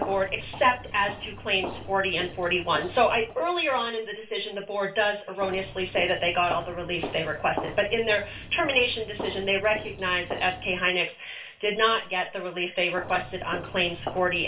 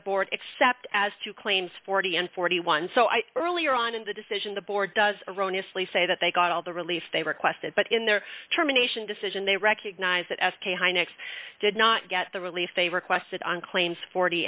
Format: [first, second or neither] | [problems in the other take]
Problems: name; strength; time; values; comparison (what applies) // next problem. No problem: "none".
second | background sound (Walk, footsteps); 13 dB below the speech // room echo; dies away in 0.3 s